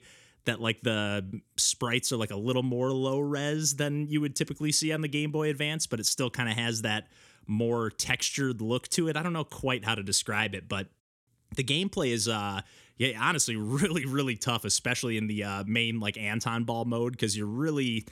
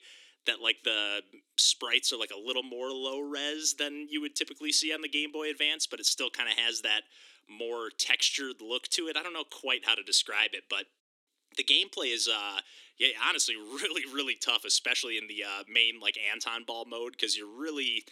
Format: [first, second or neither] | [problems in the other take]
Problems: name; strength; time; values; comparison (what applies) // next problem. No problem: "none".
first | thin; somewhat; fading below 300 Hz